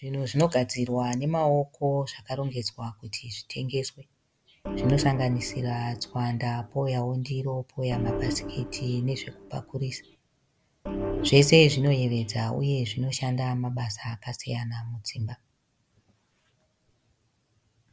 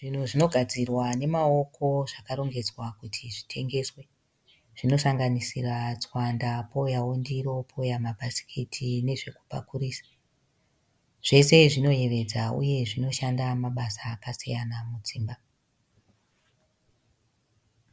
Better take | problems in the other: second | background sound (Organ); 7 dB below the speech

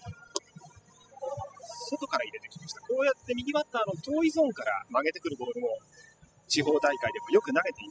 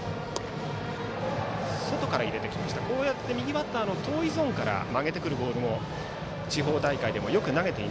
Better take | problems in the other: second | noise reduction (classical method spectral subtraction)

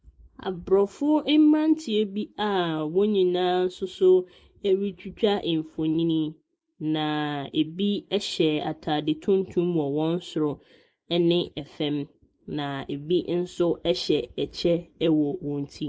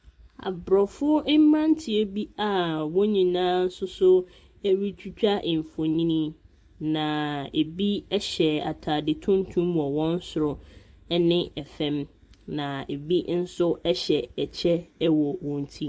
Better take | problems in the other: second | noise reduction (neural mask model Resemble Enhance denoiser)

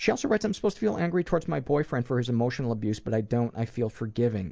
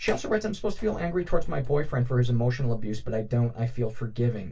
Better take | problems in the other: first | background sound (Sliding door); 19 dB below the speech // room echo; dies away in 0.1 s

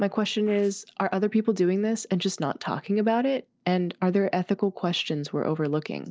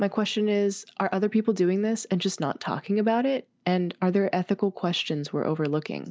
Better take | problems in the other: second | noise reduction (neural separator model SepFormer DNS4)

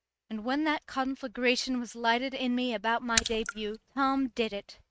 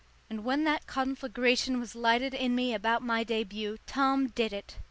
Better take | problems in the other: second | noise reduction (neural mask model RNNoise)

